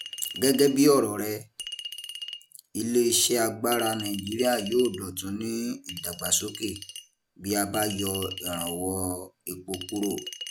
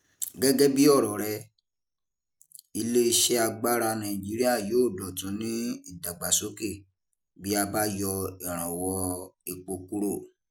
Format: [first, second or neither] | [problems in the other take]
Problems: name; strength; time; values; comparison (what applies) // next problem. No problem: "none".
second | background sound (Chink, clink); 14 dB below the speech